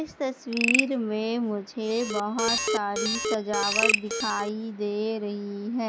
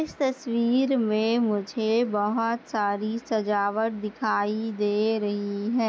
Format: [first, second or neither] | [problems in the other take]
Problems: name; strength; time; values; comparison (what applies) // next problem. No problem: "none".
second | background sound (Frog + Alarm); 1 dB below the speech